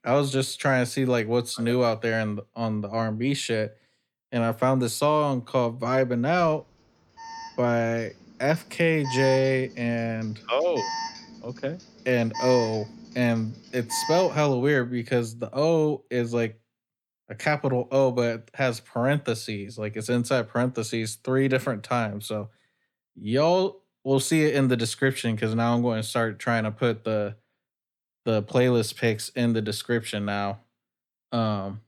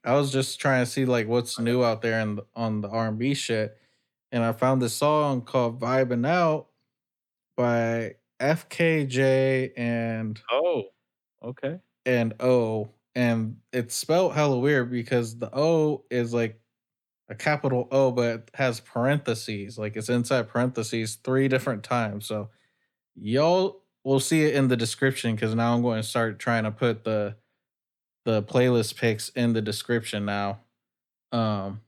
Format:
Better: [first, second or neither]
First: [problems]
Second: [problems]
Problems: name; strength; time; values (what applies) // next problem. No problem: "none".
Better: second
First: alarm; noticeable; from 6.5 to 14 s; peak 5 dB below the speech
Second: none